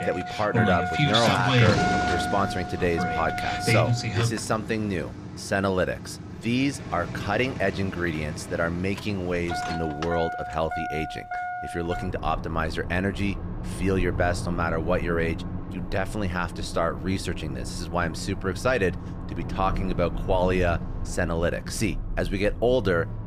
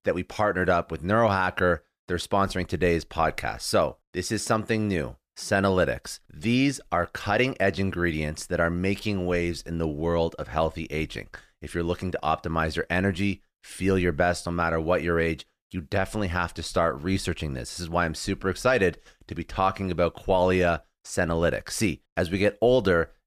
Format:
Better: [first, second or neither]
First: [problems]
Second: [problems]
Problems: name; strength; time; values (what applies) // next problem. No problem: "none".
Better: second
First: traffic noise; loud; throughout; 3 dB below the speech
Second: none